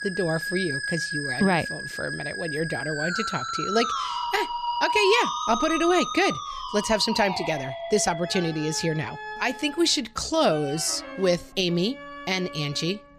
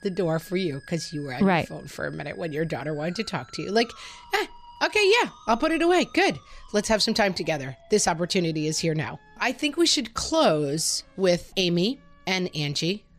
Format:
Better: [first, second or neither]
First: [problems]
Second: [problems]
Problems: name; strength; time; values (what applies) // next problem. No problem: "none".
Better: second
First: background music; loud; throughout; 5 dB below the speech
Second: background music; faint; throughout; 25 dB below the speech